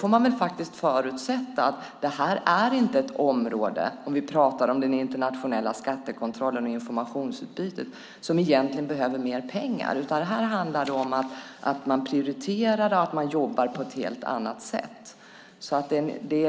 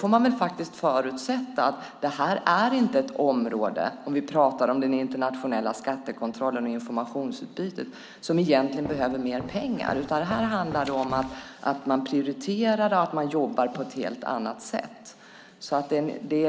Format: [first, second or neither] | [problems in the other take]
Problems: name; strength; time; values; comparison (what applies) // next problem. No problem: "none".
first | background sound (Walk, footsteps); 15 dB below the speech